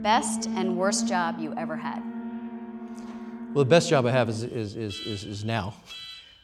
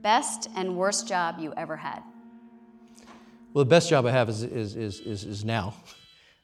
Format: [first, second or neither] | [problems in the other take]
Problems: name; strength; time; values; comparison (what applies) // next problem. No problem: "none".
second | alarms or sirens; loud; throughout; 8 dB below the speech; faint in the second